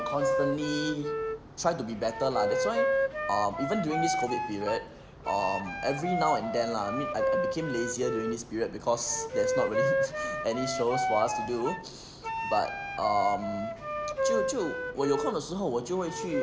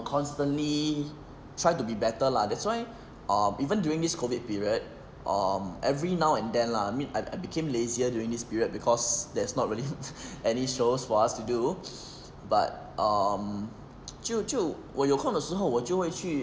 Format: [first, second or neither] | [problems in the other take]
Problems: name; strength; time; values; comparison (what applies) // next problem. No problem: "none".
second | background sound (Wind instrument, woodwind instrument); as loud as the speech